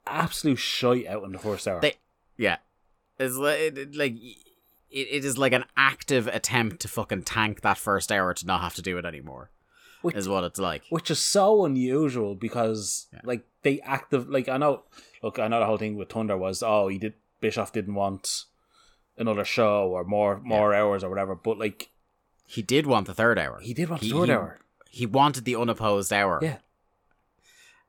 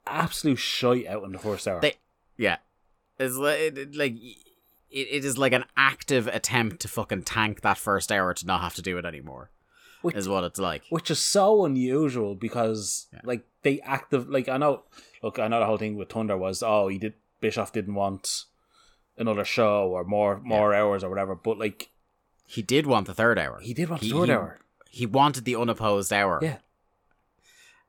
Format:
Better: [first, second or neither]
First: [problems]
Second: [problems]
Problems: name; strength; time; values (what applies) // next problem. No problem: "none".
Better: neither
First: none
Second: none